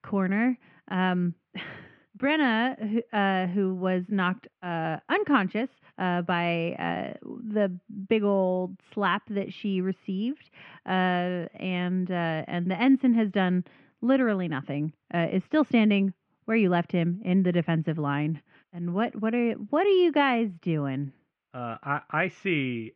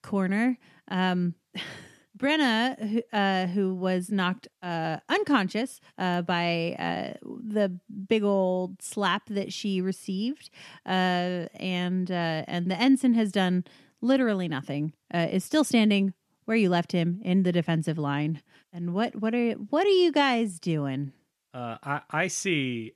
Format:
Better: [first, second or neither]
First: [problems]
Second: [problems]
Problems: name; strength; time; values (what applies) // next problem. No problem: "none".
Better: second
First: muffled; very; fading above 2.5 kHz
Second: none